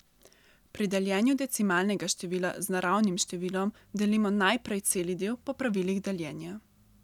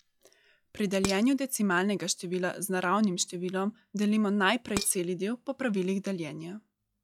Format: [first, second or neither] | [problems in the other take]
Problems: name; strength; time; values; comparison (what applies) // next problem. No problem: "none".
first | noise reduction (classical method log-MMSE)